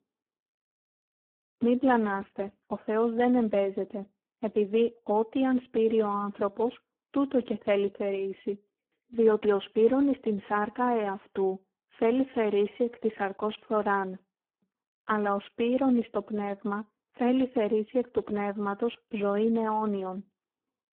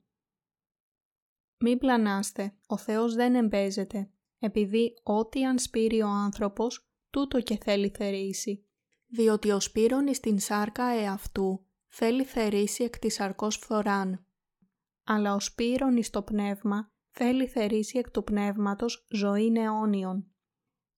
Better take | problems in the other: second | phone-call audio; poor line

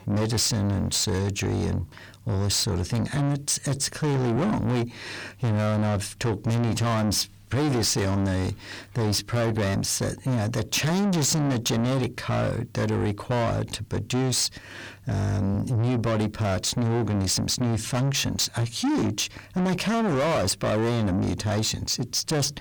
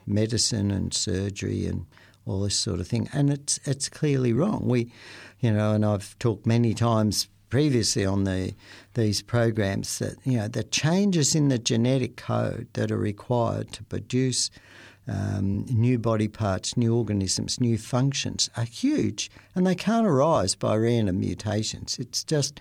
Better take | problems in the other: second | distortion; heavy; 6 dB below the speech

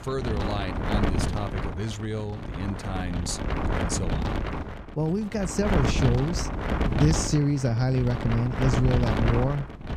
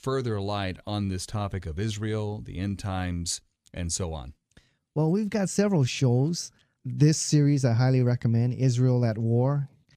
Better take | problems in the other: second | wind noise on the microphone; heavy; as loud as the speech

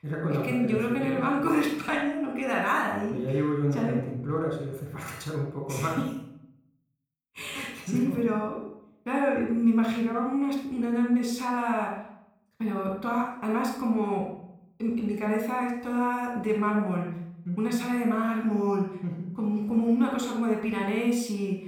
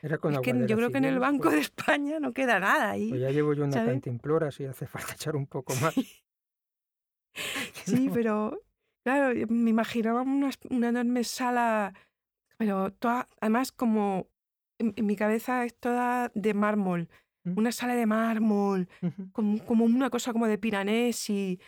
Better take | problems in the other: second | off-mic speech; somewhat distant // room echo; noticeable; dies away in 0.6 s

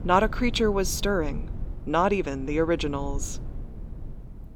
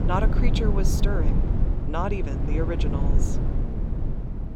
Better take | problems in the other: first | low rumble; loud; throughout; 5 dB below the speech; faint in the first

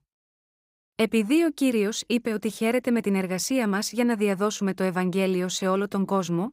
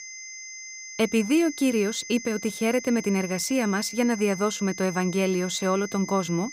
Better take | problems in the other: first | high-pitched whine; noticeable; throughout; 2 kHz, 10 dB below the speech

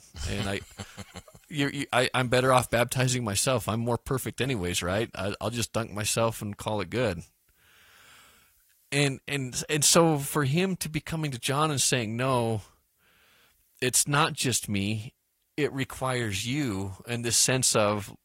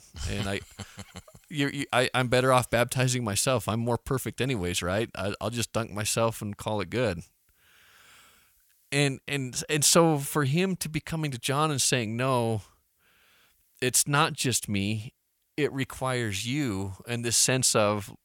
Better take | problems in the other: second | garbled, watery; slightly; nothing above 15.5 kHz

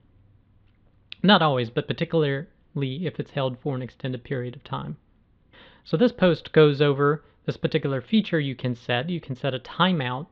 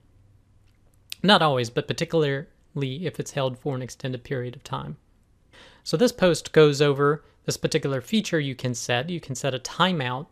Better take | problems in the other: second | muffled; slightly; fading above 3.5 kHz

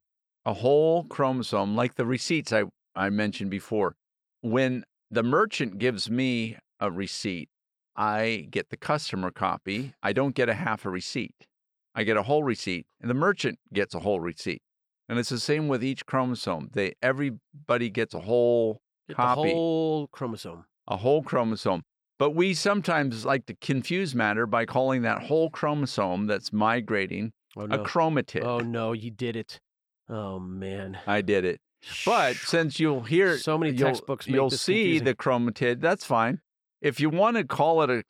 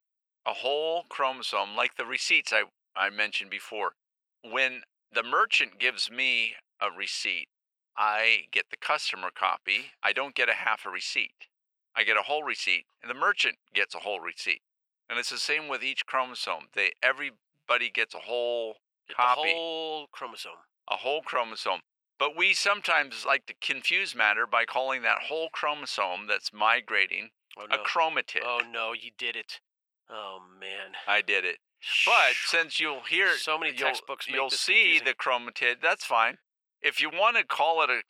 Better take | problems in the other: first | thin; very; fading below 850 Hz

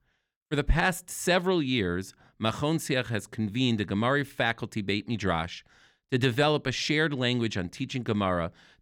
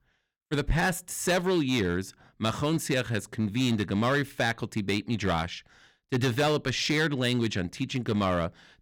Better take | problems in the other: first | distortion; slight; 6% of the sound clipped

